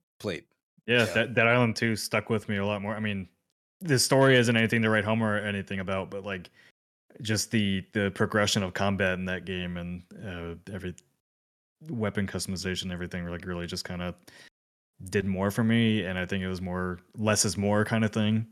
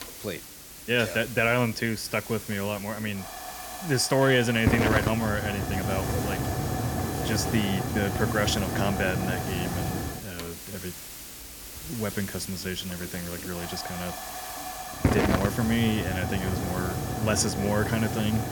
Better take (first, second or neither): first